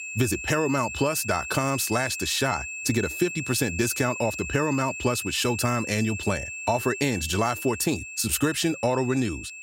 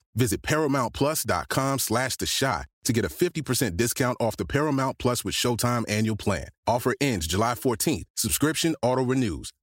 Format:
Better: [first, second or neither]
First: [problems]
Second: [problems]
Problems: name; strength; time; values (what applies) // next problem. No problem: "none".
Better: second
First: high-pitched whine; loud; throughout; 2.5 kHz, 7 dB below the speech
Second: none